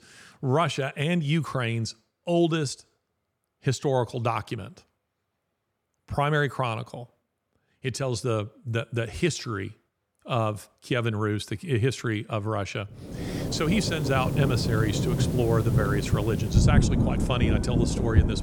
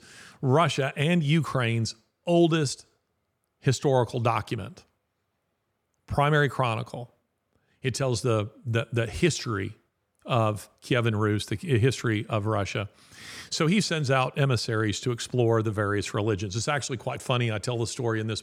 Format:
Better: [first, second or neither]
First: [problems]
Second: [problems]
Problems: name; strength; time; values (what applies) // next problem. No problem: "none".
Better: second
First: rain or running water; very faint; from 13 s on; 2 dB above the speech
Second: none